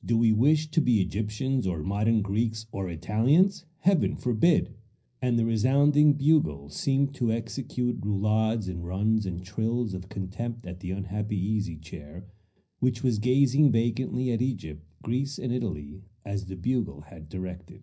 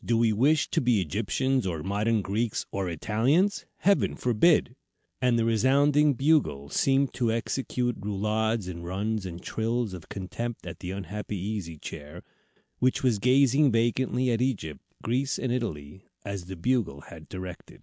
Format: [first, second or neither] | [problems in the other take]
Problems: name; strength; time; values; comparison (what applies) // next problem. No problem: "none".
second | room echo; dies away in 0.4 s